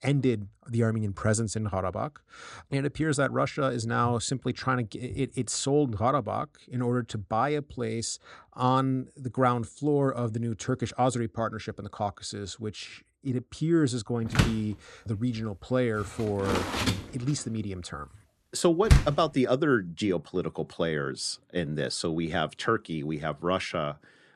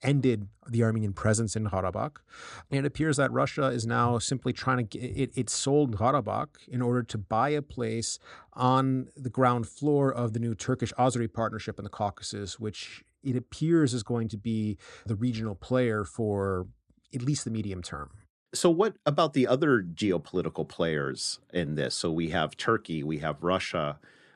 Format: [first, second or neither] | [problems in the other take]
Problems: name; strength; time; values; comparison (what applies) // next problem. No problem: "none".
second | door banging; loud; from 14 to 19 s; peak 5 dB above the speech